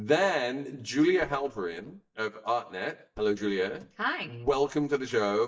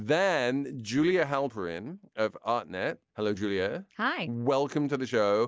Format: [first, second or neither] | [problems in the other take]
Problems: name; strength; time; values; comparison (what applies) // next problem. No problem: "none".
second | noise reduction (neural mask model DeepFilterNet 3)